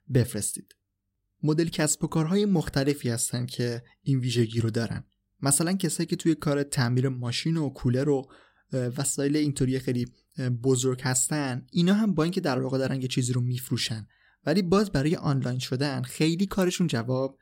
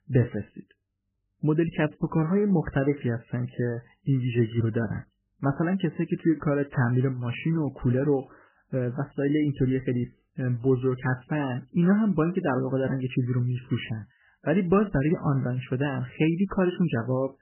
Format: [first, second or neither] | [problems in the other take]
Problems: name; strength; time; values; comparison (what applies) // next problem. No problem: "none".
first | garbled, watery; badly; nothing above 3 kHz